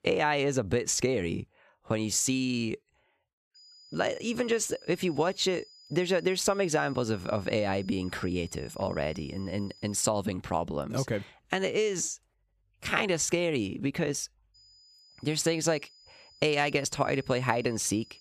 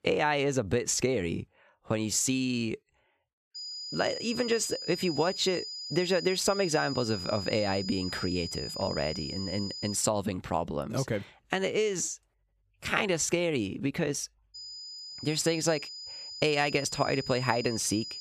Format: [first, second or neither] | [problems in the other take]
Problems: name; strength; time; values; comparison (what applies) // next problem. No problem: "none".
first | high-pitched whine; loud; from 3.5 to 10 s and from 15 s on; 5 kHz, 8 dB below the speech; faint in the first